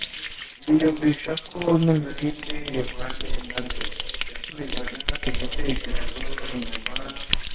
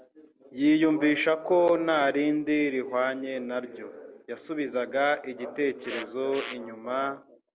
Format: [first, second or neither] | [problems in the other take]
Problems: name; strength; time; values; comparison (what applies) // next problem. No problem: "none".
second | noise reduction (neural separator model SepFormer WHAMR!)